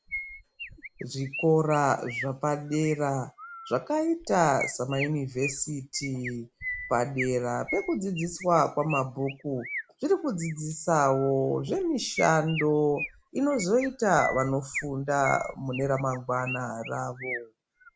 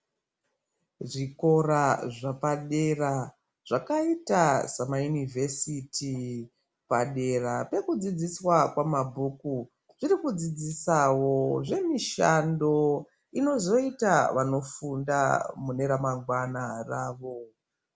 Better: second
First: background sound (Chirp, tweet); 12 dB below the speech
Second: none

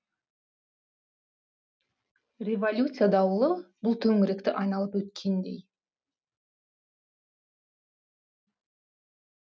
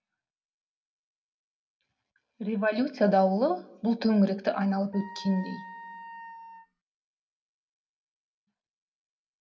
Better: first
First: none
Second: background sound (Wind instrument, woodwind instrument); 14 dB below the speech // room echo; dies away in 0.4 s

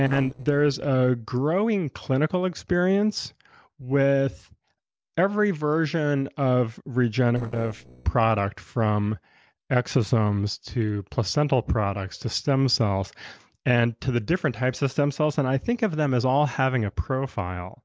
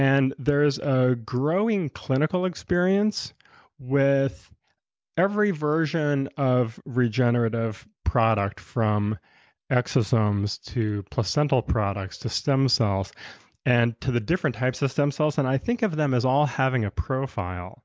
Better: second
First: noise reduction (neural separator model SepFormer DNS4)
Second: none

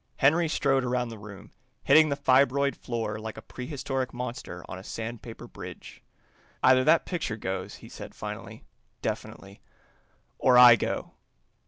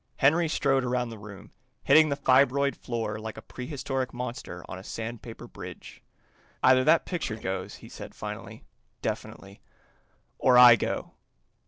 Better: first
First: none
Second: noise reduction (neural separator model SepFormer DNS4)

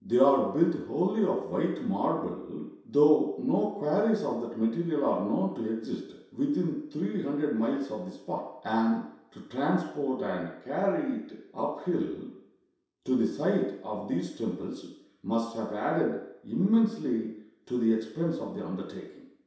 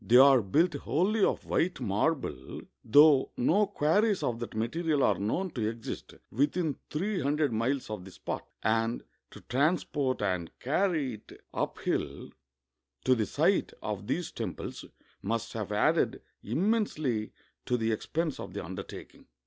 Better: second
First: room echo; dies away in 0.7 s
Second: none

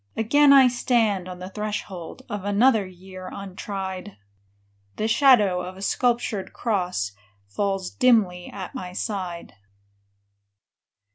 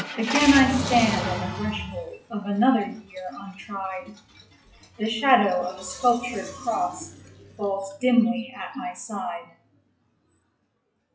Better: first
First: none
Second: noise reduction (classical method WPE with log-MMSE)

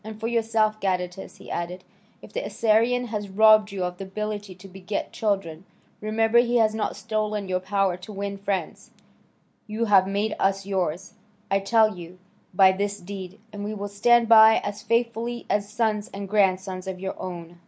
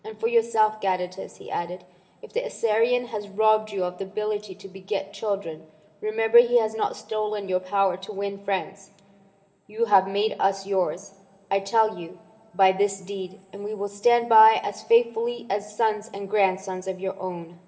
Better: first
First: none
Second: room echo; dies away in 1.7 s

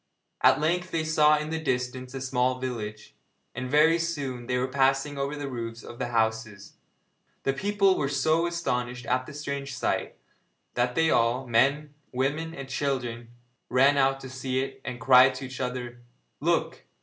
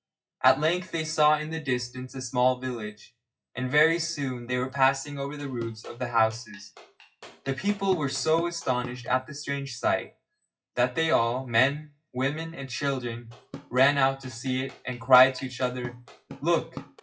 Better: first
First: none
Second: noise reduction (classical method WPE with log-MMSE)

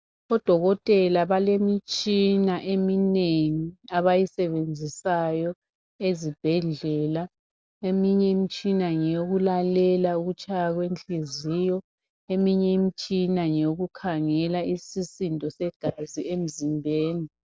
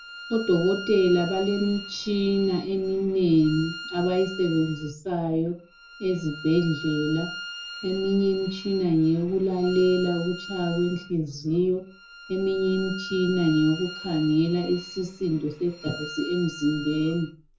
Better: first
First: none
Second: background sound (Bowed string instrument); 14 dB below the speech // room echo; dies away in 0.3 s

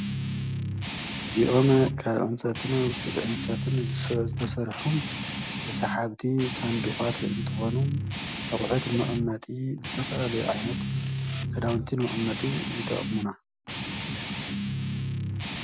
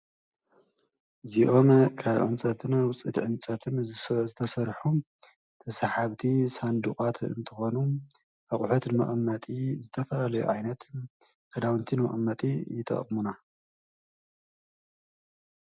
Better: second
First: background sound (Guitar); 3 dB below the speech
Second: none

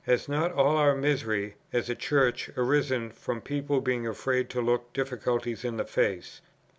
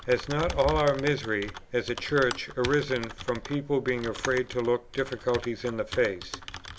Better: first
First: none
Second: background sound (Typing); 11 dB below the speech

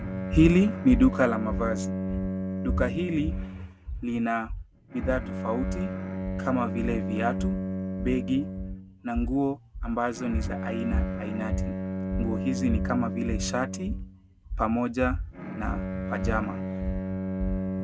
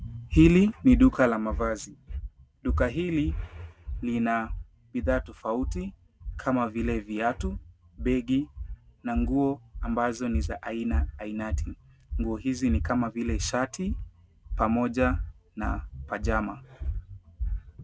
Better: second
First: background sound (Bowed string instrument); 5 dB below the speech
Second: none

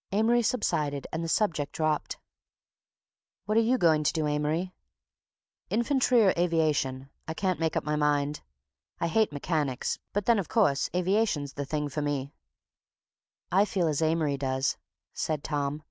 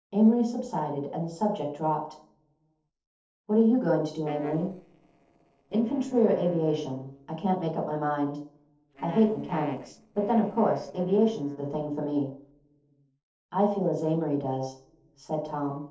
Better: first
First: none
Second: noise reduction (neural separator model SepFormer DNS4)

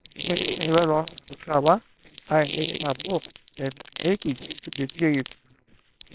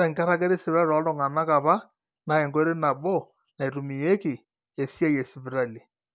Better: second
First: noise reduction (neural separator model SepFormer WHAMR!)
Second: none

